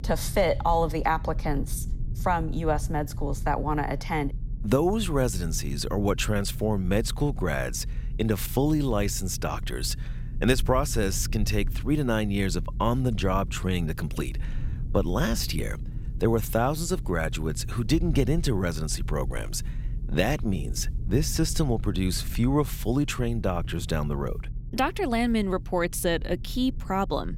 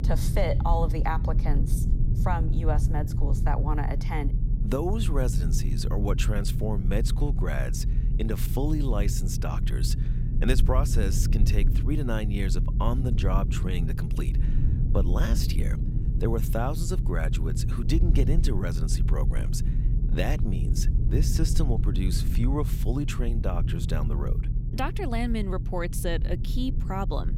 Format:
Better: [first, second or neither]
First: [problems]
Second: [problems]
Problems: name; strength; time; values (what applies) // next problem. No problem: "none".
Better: first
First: low rumble; faint; throughout; 20 dB below the speech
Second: low rumble; loud; throughout; 8 dB below the speech